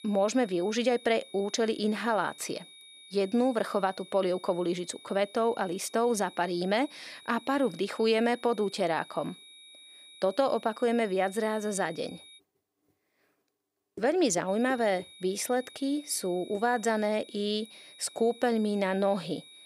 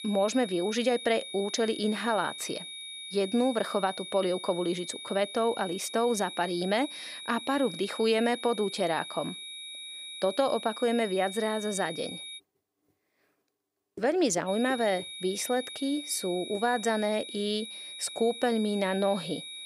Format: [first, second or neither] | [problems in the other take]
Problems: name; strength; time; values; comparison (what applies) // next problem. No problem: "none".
first | high-pitched whine; loud; until 12 s and from 14 s on; 4 kHz, 10 dB below the speech; faint in the first